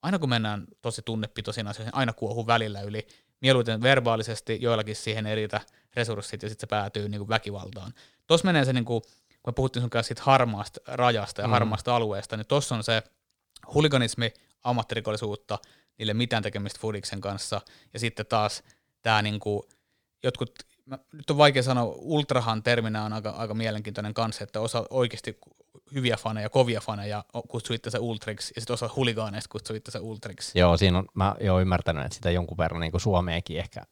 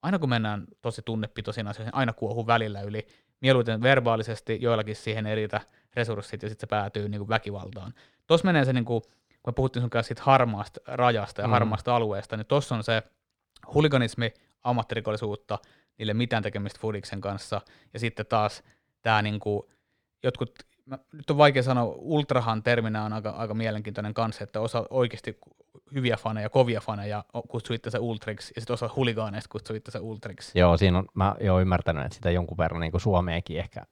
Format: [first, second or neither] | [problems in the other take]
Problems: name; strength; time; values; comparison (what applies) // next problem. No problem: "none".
first | muffled; very slightly; fading above 3.5 kHz